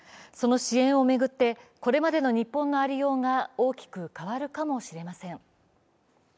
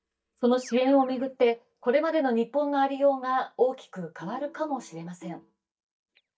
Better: first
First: none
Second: noise reduction (neural mask model DeepFilterNet 3)

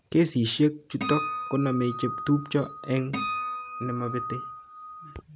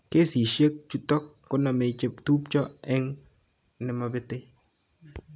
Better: second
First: background sound (Acoustic guitar); 6 dB below the speech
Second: none

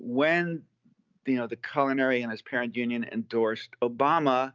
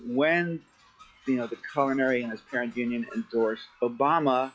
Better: first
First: none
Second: noise reduction (classical method log-MMSE)

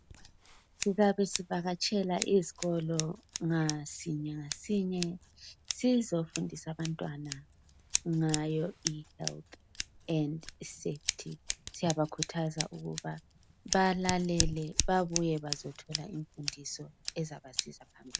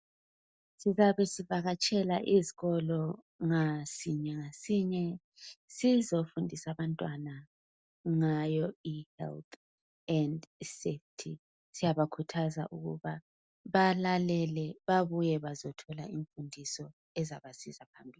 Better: second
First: background sound (Scissors); 7 dB below the speech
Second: none

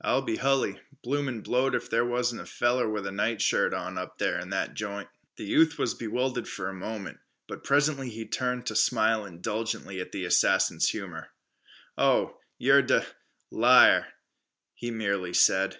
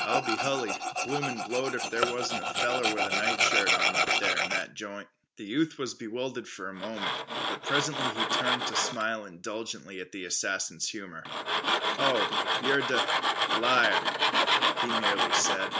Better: first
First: none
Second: background sound (Tools); 3 dB above the speech

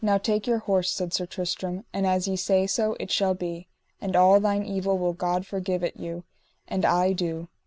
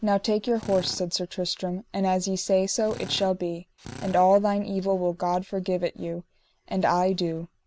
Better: first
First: none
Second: background sound (Drill); 16 dB below the speech

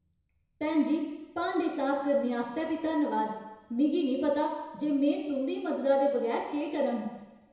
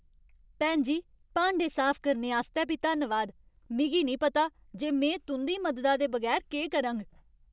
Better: second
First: room echo; dies away in 1 s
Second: none

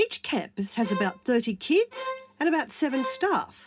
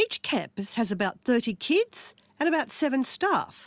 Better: second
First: background sound (Bowed string instrument); 11 dB below the speech // room echo; dies away in 0.3 s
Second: none

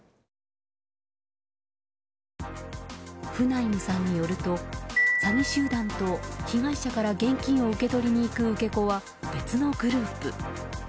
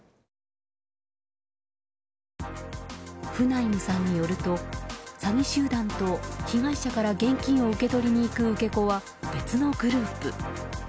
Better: second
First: background sound (Marimba, xylophone); 5 dB below the speech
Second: none

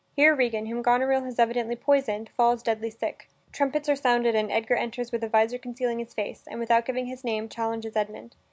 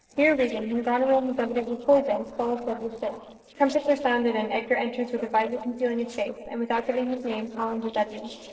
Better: first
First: none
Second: noise reduction (neural separator model SepFormer DNS4)

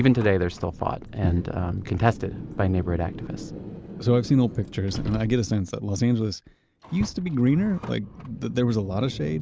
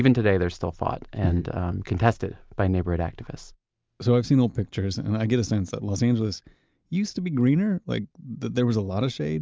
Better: second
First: background sound (Car); 13 dB below the speech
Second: none

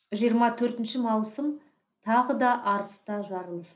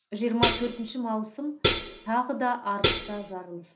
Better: first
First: none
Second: background sound (Hi-hat); 3 dB above the speech

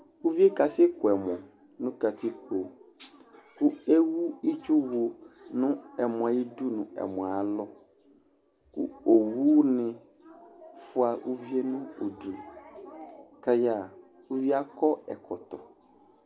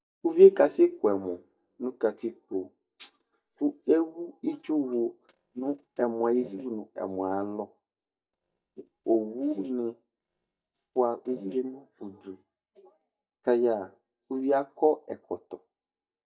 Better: first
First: none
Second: noise reduction (neural mask model DeepFilterNet 3)

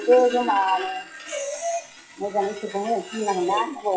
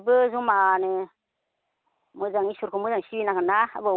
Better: second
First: noise reduction (classical method WPE with log-MMSE)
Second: none

